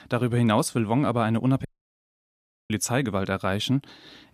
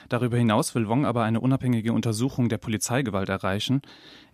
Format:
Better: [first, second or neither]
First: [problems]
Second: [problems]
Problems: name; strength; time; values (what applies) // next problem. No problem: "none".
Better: second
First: audio cutting out; at 1.5 s for 1 s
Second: none